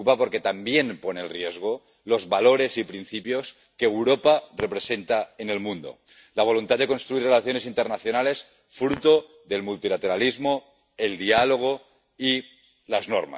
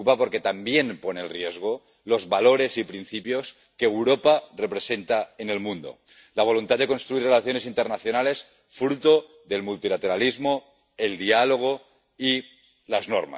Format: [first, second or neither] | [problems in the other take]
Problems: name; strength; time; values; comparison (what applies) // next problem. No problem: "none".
second | background sound (Chink, clink); 17 dB below the speech